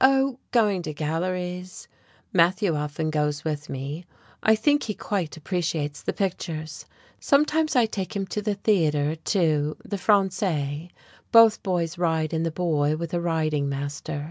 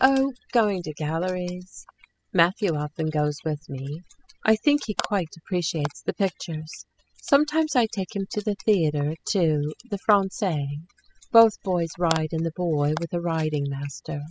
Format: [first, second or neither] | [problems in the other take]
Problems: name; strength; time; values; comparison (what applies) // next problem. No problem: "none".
first | noise reduction (classical method spectral subtraction)